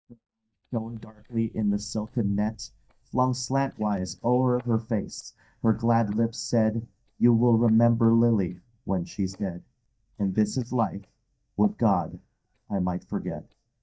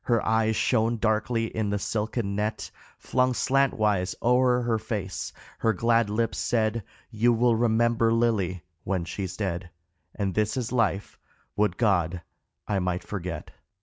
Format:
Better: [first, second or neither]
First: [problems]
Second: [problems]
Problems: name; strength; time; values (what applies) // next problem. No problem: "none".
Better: second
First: noise reduction (neural mask model DeepFilterNet 3)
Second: none